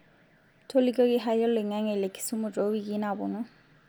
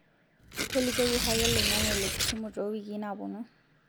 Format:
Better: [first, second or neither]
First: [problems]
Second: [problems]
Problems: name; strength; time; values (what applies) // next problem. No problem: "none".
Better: first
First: none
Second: background sound (Tearing); 3 dB above the speech